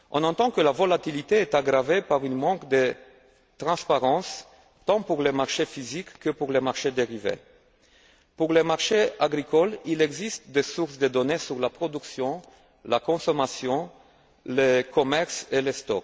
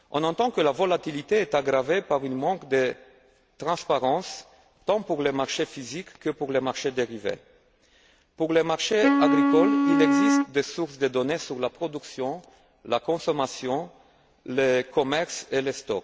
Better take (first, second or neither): first